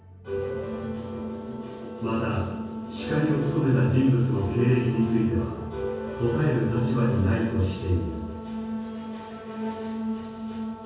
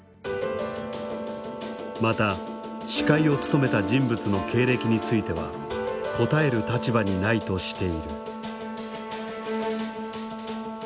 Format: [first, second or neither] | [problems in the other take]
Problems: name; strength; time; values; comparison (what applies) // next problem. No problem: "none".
second | room echo; dies away in 1.3 s